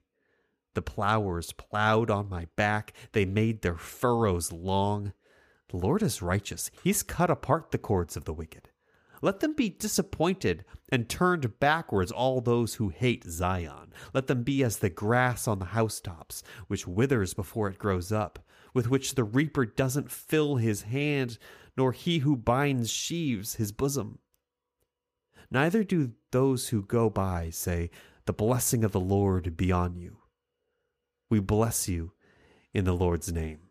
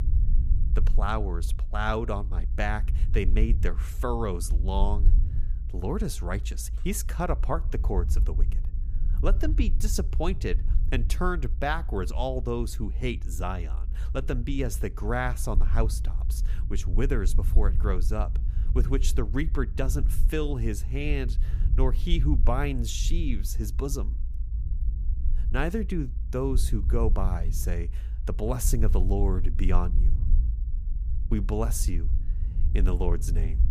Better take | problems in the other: first | low rumble; noticeable; throughout; 15 dB below the speech

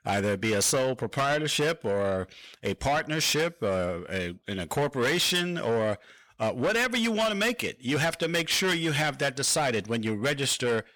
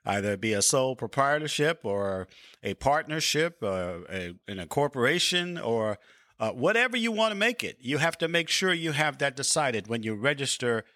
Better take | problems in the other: second | distortion; heavy; 8 dB below the speech

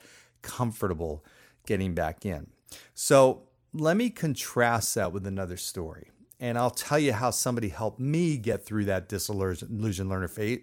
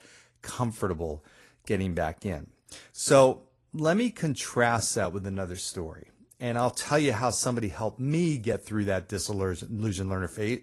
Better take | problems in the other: first | garbled, watery; slightly; nothing above 11.5 kHz

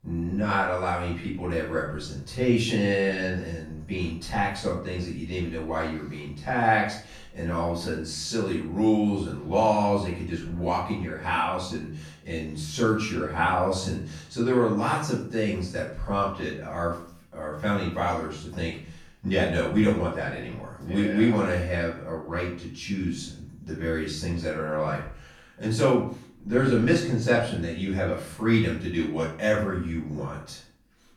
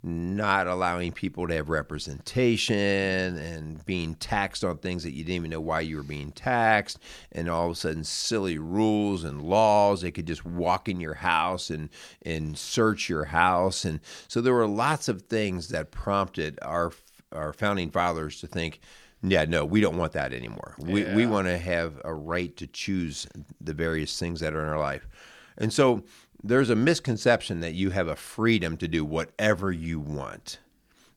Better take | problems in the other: second | off-mic speech; far // room echo; noticeable; dies away in 0.5 s

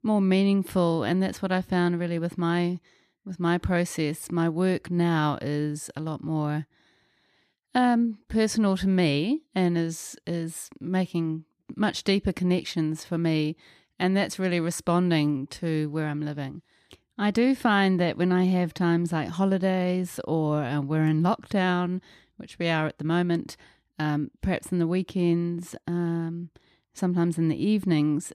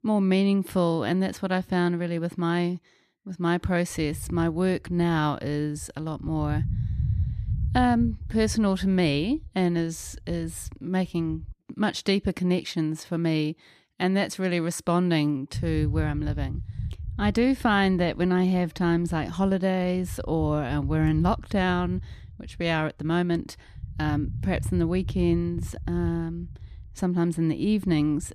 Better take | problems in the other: first | low rumble; noticeable; from 4 to 12 s and from 16 s on; 20 dB below the speech

